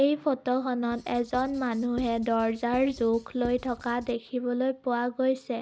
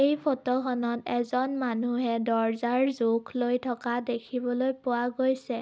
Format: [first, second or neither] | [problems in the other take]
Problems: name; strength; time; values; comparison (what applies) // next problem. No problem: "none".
second | background sound (Writing); 18 dB below the speech